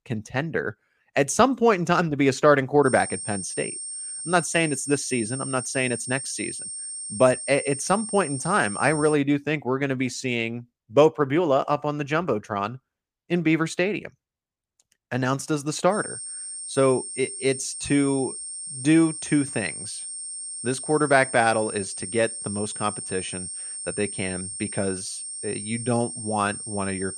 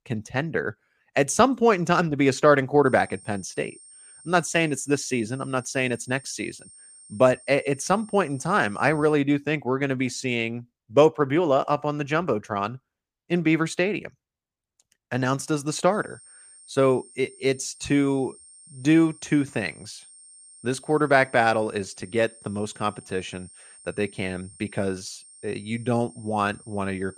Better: second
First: high-pitched whine; loud; from 3 to 9 s and from 16 s on; 8.5 kHz, 7 dB below the speech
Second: high-pitched whine; faint; from 3 to 9 s and from 16 s on; 8.5 kHz, 20 dB below the speech

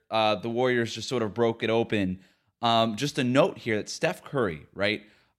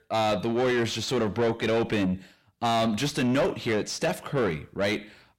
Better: first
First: none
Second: distortion; heavy; 6 dB below the speech

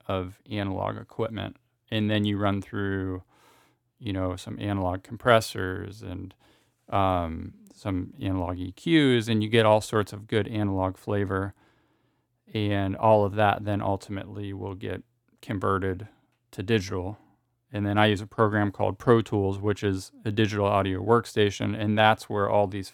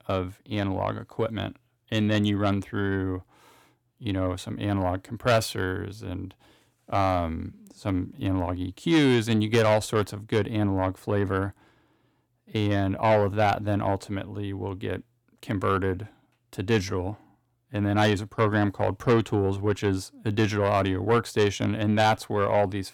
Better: first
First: none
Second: distortion; slight; 10 dB below the speech

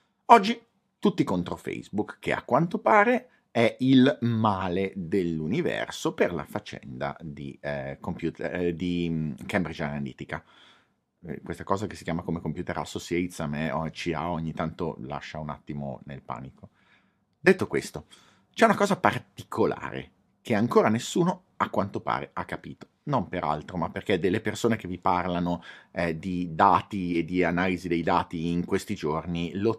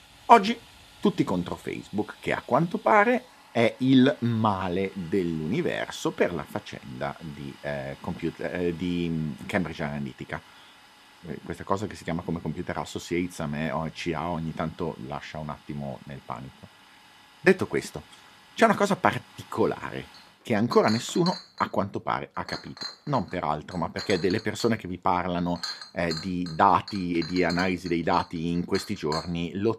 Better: first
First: none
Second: household noises; noticeable; throughout; 15 dB below the speech

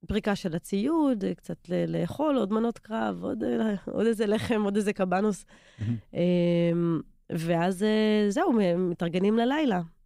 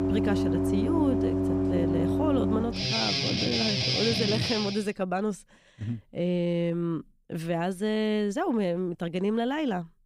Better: first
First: none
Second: background music; very loud; until 4.5 s; 3 dB above the speech

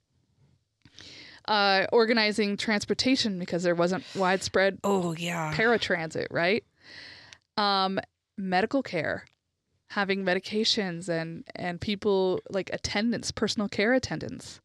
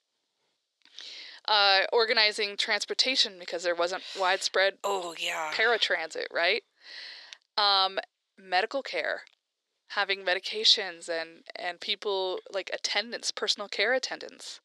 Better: first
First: none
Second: thin; very; fading below 450 Hz

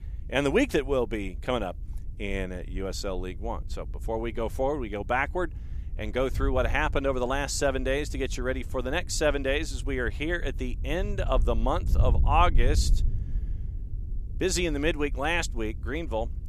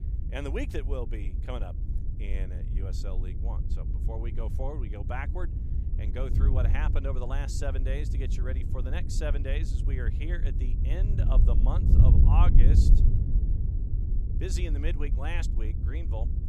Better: first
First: wind noise on the microphone; occasional gusts; 25 dB below the speech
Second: wind noise on the microphone; heavy; 5 dB below the speech

